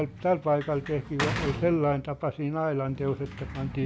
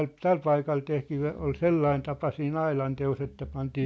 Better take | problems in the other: second | background sound (Sliding door / Slam); 9 dB below the speech

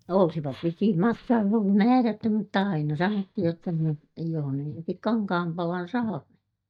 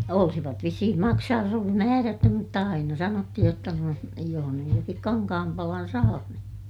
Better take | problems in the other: second | noise reduction (neural mask model DeepFilterNet 3)

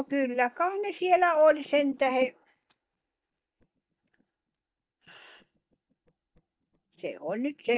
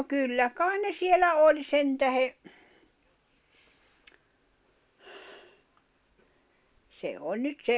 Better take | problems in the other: second | noise reduction (neural mask model DeepFilterNet 3)

